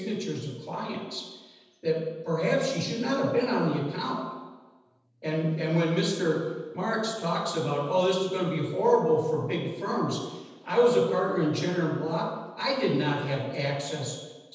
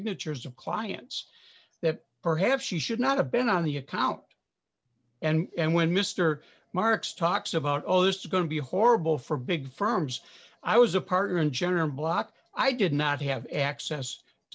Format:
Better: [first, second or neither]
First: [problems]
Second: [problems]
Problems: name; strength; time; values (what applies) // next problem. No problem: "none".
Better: second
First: room echo; dies away in 1.1 s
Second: none